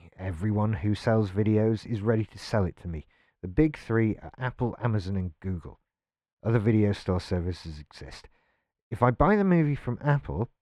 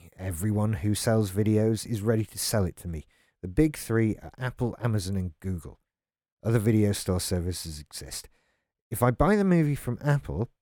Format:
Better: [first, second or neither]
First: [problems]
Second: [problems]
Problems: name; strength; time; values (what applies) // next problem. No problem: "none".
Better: second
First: muffled; slightly; fading above 2.5 kHz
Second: none